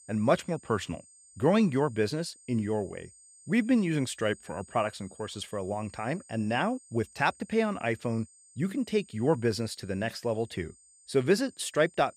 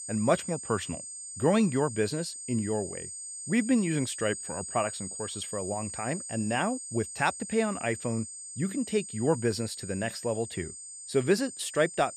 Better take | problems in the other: first | high-pitched whine; loud; throughout; 8.5 kHz, 8 dB below the speech; faint in the first

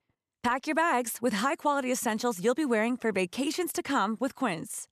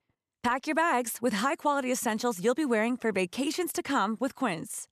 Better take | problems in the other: neither | none

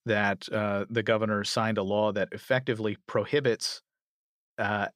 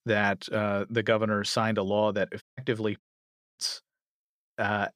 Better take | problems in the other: first | audio cutting out; at 2.5 s and at 3 s for 0.5 s

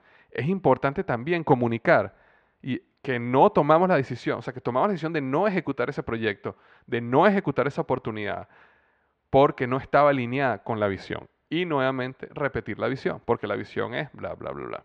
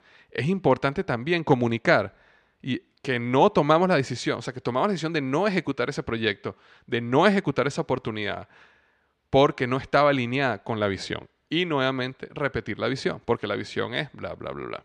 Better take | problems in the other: second | muffled; slightly; fading above 4 kHz

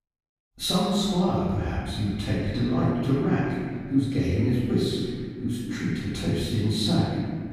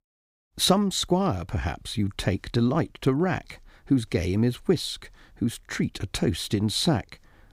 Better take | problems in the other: second | room echo; strong; dies away in 1.9 s // off-mic speech; far

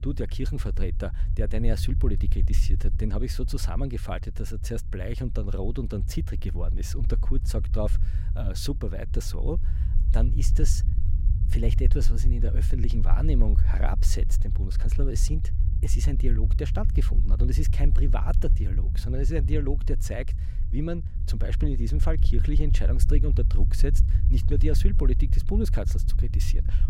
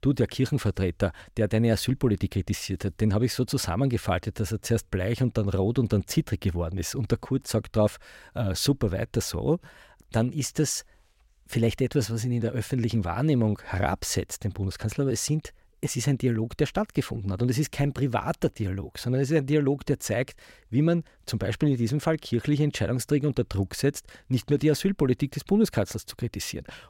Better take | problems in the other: second | low rumble; loud; throughout; 9 dB below the speech

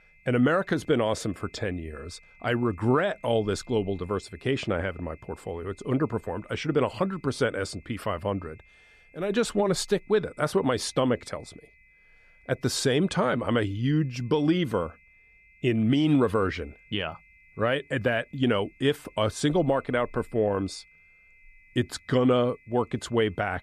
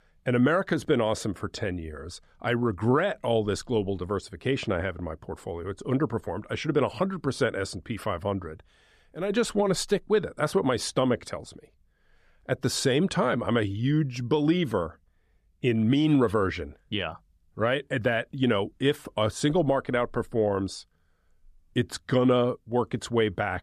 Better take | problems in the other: second | high-pitched whine; faint; throughout; 2 kHz, 30 dB below the speech

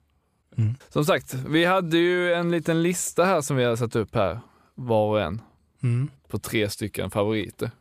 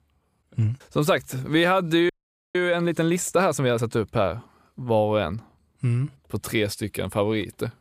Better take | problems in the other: first | audio freezing; at 2 s

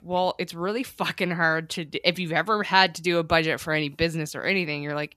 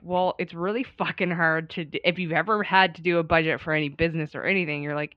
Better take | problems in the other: first | muffled; slightly; fading above 3 kHz

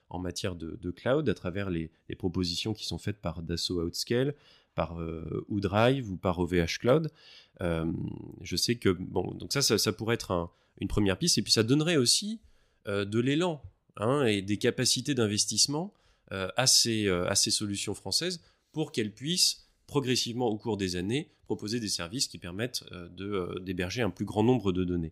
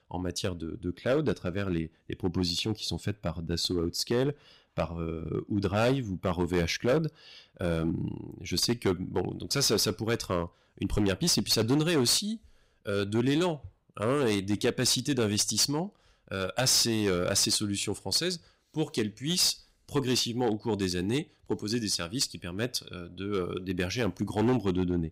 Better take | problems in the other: first | distortion; slight; 5% of the sound clipped

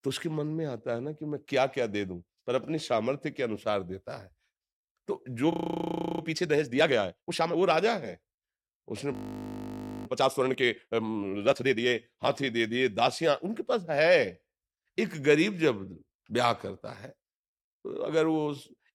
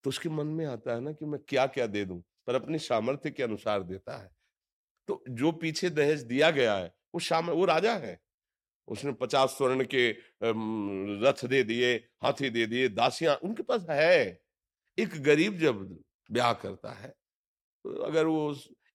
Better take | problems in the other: second | audio freezing; at 5.5 s for 0.5 s and at 9 s for 1 s

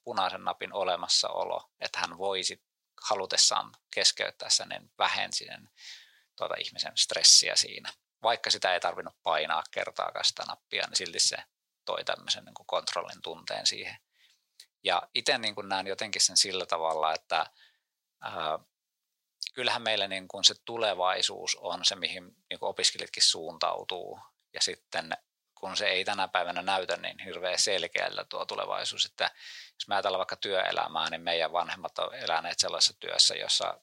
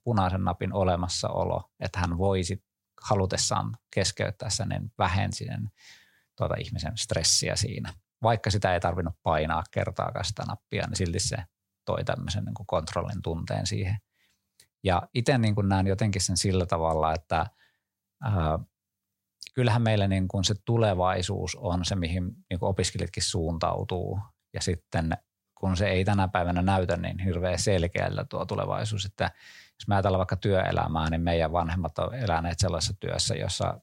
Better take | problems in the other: second | thin; very; fading below 550 Hz

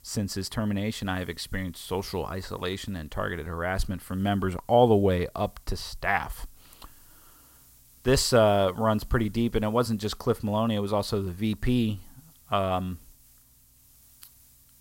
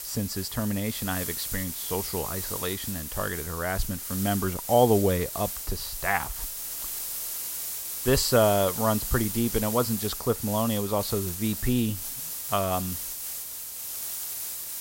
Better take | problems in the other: first | hiss; loud; throughout; 4 dB below the speech; faint in the first

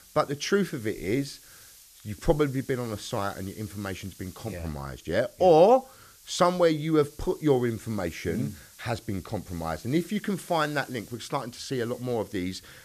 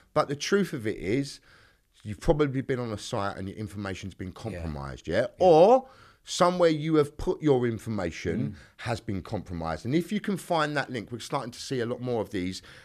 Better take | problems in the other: second | hiss; faint; throughout; 20 dB below the speech

